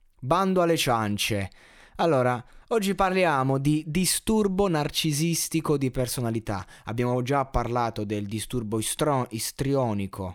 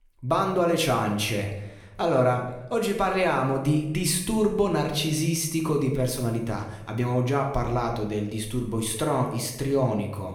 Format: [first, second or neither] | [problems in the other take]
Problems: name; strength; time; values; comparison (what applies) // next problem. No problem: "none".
first | room echo; slight; dies away in 0.7 s // off-mic speech; somewhat distant